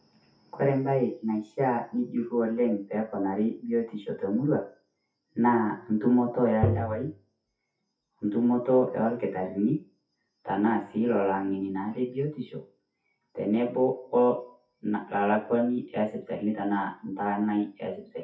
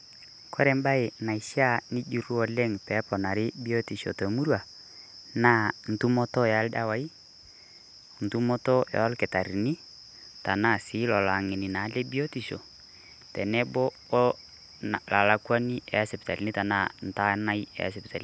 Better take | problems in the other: second | noise reduction (classical method WPE with log-MMSE)

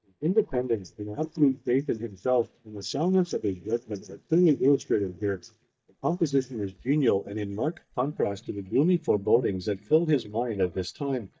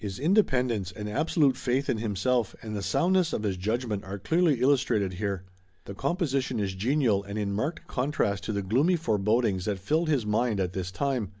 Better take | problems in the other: second | noise reduction (neural mask model DeepFilterNet 3)

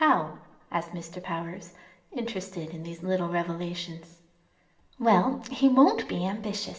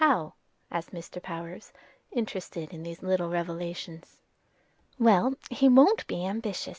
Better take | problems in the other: second | room echo; dies away in 0.6 s

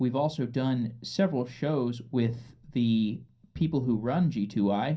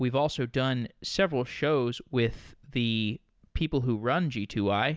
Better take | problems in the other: second | room echo; dies away in 0.3 s

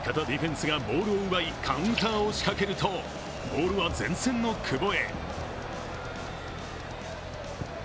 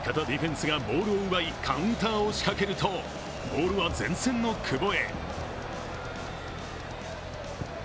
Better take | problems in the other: second | background sound (Liquid); 11 dB below the speech

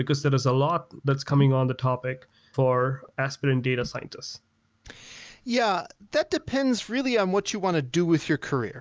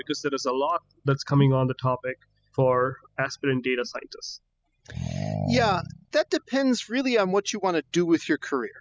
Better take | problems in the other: first | noise reduction (classical method spectral subtraction)

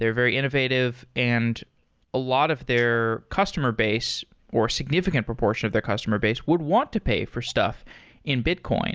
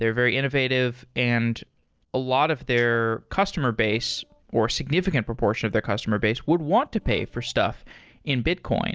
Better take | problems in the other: first | noise reduction (neural separator model SepFormer DNS4)

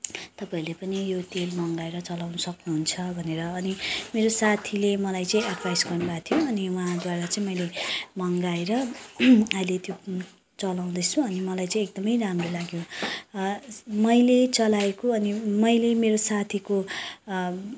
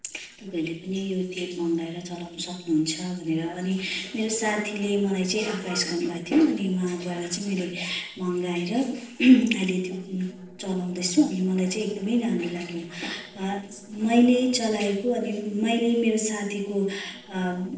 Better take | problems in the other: first | noise reduction (neural separator model SepFormer DNS4)

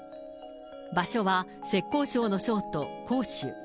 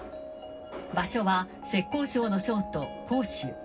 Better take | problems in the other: first | background sound (Subway, metro, underground); 18 dB below the speech // room echo; dies away in 0.4 s

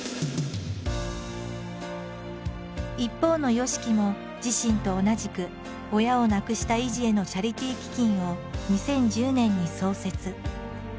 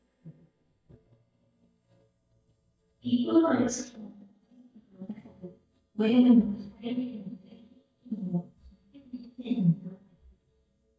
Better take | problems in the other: first | noise reduction (neural mask model DeepFilterNet 3)

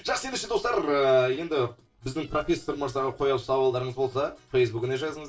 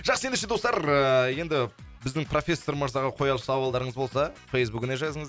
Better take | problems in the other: second | noise reduction (neural separator model SepFormer DNS4)

